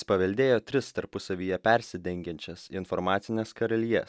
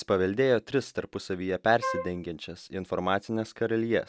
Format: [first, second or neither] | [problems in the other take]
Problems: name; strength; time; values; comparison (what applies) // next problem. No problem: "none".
first | background sound (Wind instrument, woodwind instrument); 7 dB below the speech